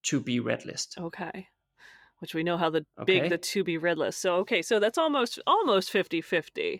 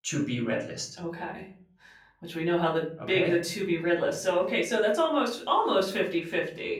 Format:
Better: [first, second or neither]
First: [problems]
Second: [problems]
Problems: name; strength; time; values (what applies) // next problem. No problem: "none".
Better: first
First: none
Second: off-mic speech; far // room echo; slight; dies away in 0.4 s